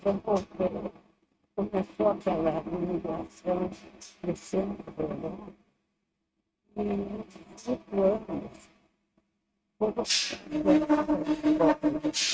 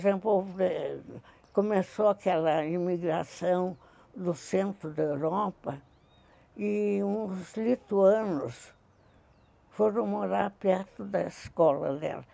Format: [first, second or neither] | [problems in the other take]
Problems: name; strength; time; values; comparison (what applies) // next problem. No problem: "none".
second | noise reduction (neural mask model RNNoise)